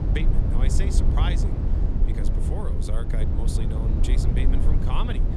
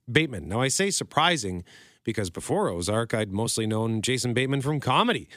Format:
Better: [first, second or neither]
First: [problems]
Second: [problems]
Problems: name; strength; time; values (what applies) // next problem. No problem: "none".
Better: second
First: low rumble; loud; throughout; 1 dB below the speech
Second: none